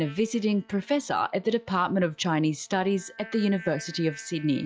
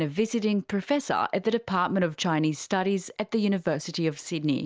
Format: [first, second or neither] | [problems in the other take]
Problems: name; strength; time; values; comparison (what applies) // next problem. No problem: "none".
second | noise reduction (classical method log-MMSE)